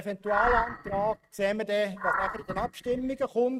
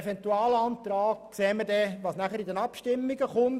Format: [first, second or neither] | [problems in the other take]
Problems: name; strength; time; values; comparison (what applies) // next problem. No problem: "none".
second | noise reduction (neural mask model RNNoise)